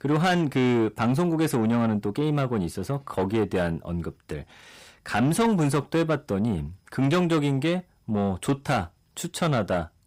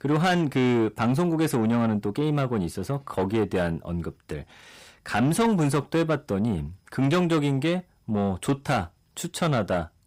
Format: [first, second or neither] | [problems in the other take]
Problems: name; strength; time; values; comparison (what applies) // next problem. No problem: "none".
neither | distortion; slight; 10 dB below the speech; the same in both